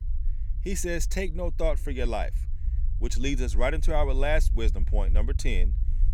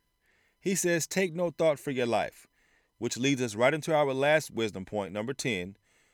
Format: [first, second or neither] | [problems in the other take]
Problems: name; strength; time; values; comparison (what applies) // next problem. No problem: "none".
second | low rumble; faint; throughout; 20 dB below the speech